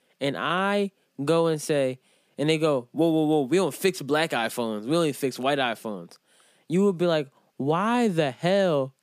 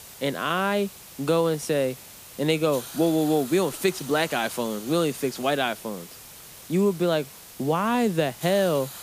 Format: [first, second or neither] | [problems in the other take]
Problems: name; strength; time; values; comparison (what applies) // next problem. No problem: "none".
first | hiss; noticeable; throughout; 15 dB below the speech